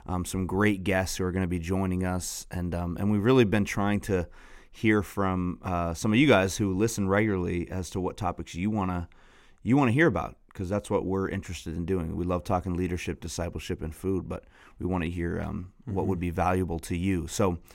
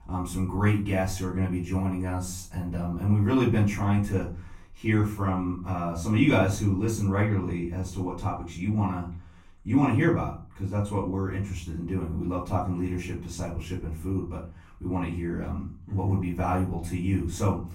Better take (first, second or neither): first